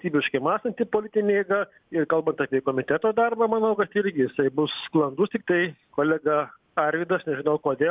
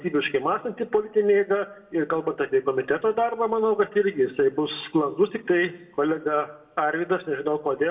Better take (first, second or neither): first